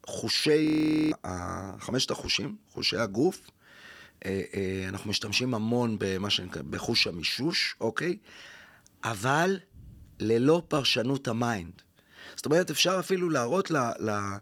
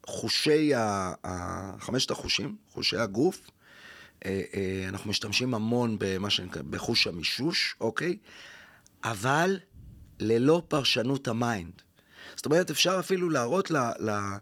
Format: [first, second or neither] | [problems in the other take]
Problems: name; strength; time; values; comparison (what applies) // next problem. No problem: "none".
second | audio freezing; at 0.5 s